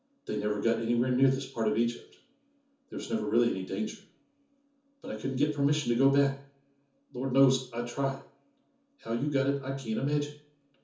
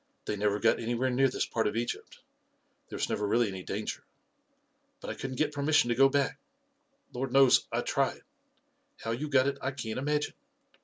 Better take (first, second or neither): second